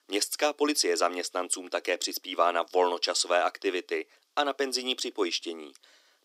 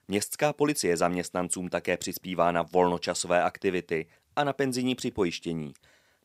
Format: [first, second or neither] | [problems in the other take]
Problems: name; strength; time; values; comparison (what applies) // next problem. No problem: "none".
second | thin; very slightly; fading below 300 Hz